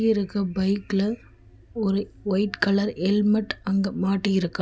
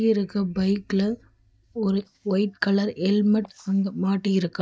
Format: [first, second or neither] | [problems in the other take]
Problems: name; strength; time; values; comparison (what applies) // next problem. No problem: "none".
first | noise reduction (neural mask model DeepFilterNet 3)